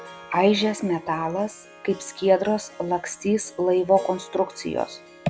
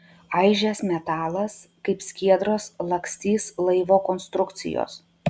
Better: second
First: background sound (Harp); 20 dB below the speech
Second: none

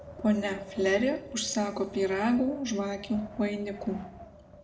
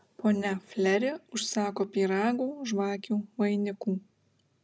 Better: second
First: background sound (Wind); 15 dB below the speech // room echo; dies away in 0.6 s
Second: none

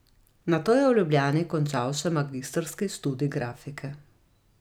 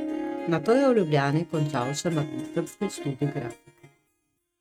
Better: first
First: none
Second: noise reduction (neural mask model RNNoise)

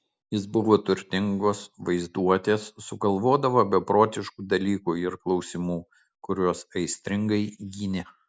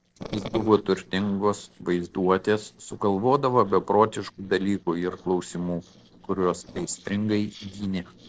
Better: first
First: none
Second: noise reduction (neural separator model SepFormer DNS4)

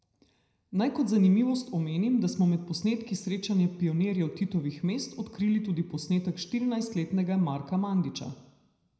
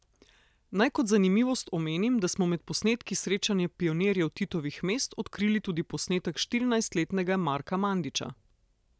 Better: second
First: room echo; dies away in 0.8 s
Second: none

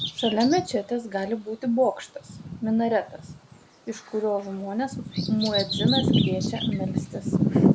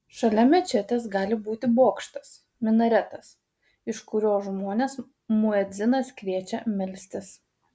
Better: second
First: background sound (Bird vocalization, bird call, bird song); as loud as the speech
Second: none

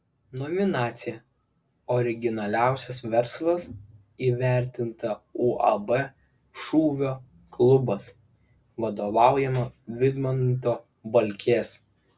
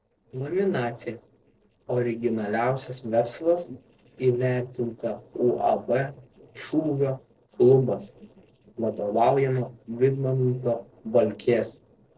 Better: first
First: none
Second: noise reduction (neural separator model SepFormer DNS4)

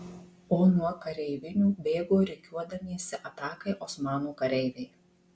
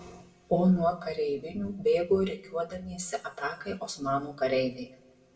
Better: first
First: none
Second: room echo; dies away in 0.6 s

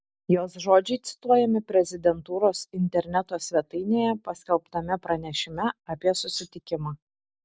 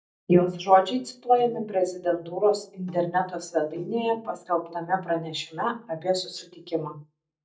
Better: first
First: none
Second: noise reduction (neural mask model DeepFilterNet 3)

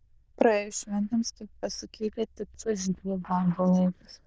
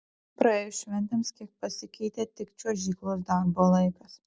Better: second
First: noise reduction (neural diffusion model UNIVERSE++)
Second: none

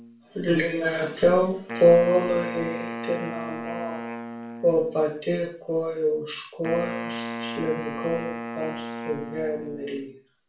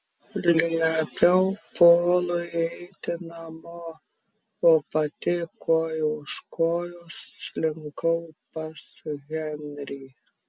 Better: second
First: background sound (Wind instrument, woodwind instrument); 10 dB below the speech // room echo; dies away in 0.4 s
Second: none

